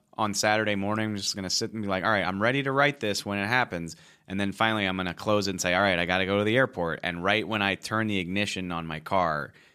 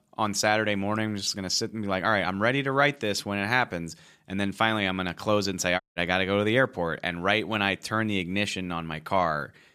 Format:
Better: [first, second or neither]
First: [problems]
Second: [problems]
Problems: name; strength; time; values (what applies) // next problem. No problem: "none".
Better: first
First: none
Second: audio cutting out; at 6 s